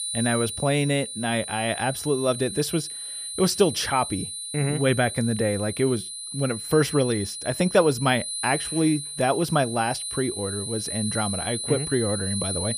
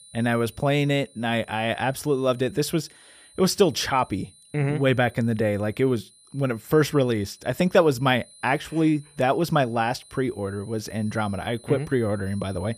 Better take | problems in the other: second | high-pitched whine; loud; throughout; 9.5 kHz, 6 dB below the speech; faint in the second

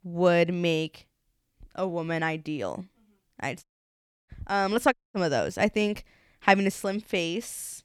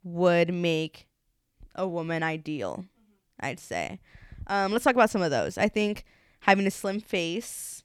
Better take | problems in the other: second | audio cutting out; at 3.5 s for 0.5 s and at 5 s

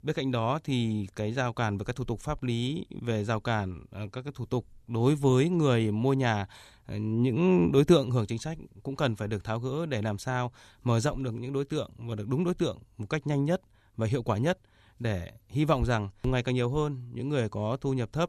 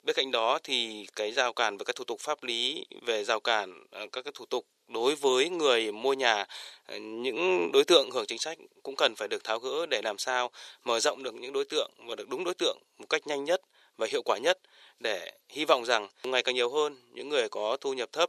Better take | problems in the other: first | thin; very; fading below 450 Hz

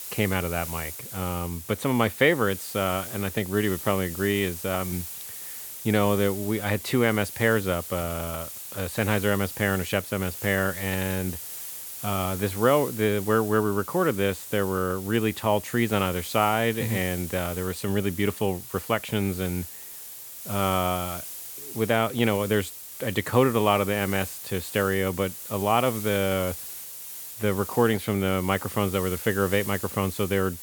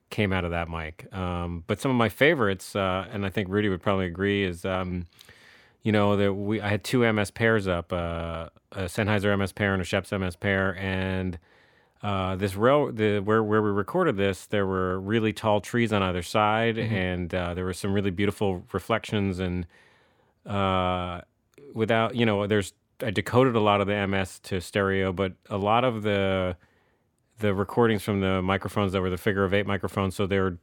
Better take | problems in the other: second | hiss; loud; throughout; 9 dB below the speech

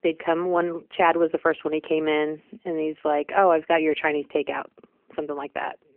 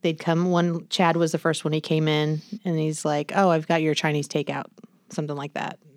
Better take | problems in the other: second | phone-call audio; nothing above 3 kHz

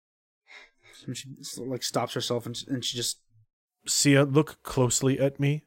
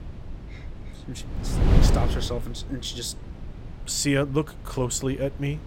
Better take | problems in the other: first | wind noise on the microphone; heavy; 6 dB below the speech

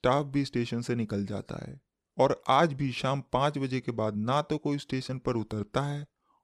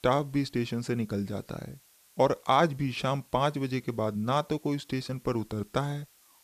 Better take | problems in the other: first | hiss; faint; throughout; 30 dB below the speech

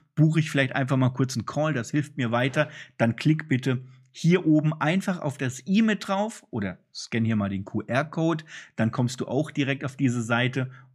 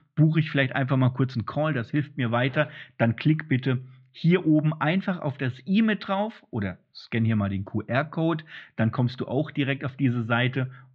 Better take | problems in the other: first | muffled; slightly; fading above 4 kHz

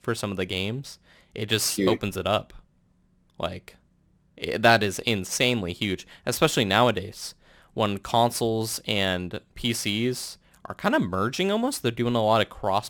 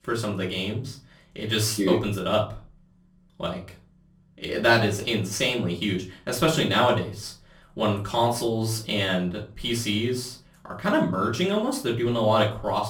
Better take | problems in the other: first | room echo; slight; dies away in 0.3 s // off-mic speech; far

